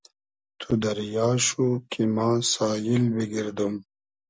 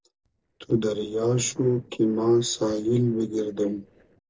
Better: first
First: none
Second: noise reduction (neural separator model SepFormer DNS4)

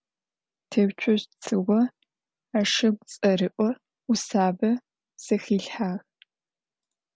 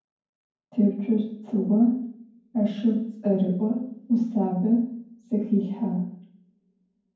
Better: first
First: none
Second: room echo; dies away in 0.9 s

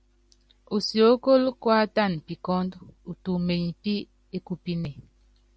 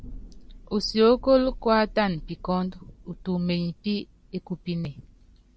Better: first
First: none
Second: background sound (Thunder); 17 dB below the speech

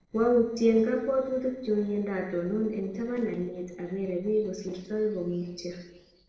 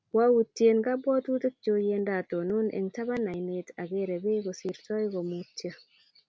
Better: second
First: noise reduction (neural separator model SepFormer DNS4)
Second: none

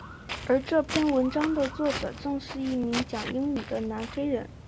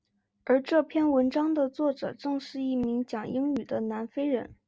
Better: second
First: background sound (Walk, footsteps); 10 dB below the speech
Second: none

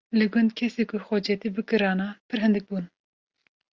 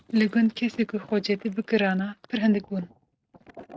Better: first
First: none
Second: noise reduction (neural mask model RNNoise)

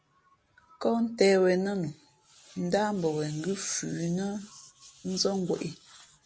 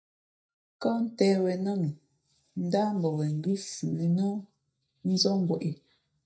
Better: first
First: none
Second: noise reduction (neural mask model DeepFilterNet 3)

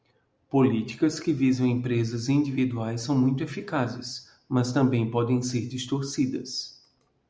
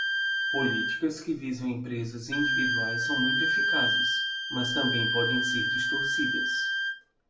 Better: first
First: none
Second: background sound (Wind instrument, woodwind instrument); 5 dB above the speech // room echo; dies away in 0.3 s

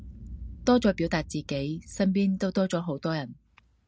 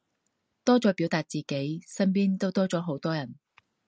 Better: second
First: background sound (Boom); 17 dB below the speech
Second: none

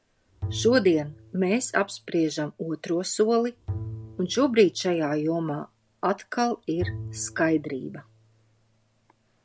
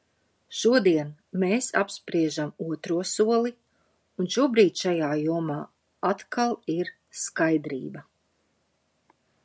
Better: second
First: background sound (Bowed string instrument); 14 dB below the speech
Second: none

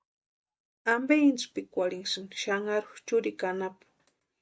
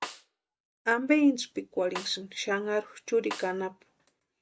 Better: first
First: none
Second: background sound (Snare drum); 12 dB below the speech

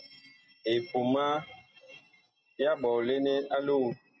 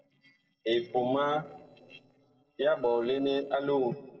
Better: first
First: none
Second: noise reduction (neural separator model SepFormer DNS4)

